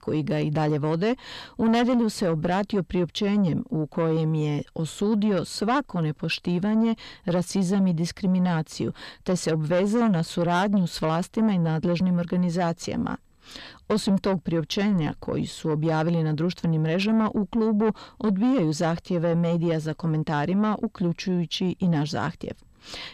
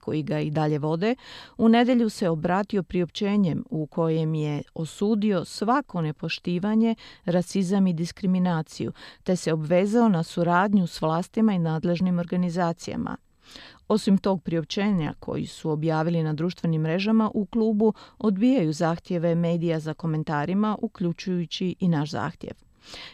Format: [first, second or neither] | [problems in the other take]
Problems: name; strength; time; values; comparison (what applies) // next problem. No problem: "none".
second | distortion; slight; 10 dB below the speech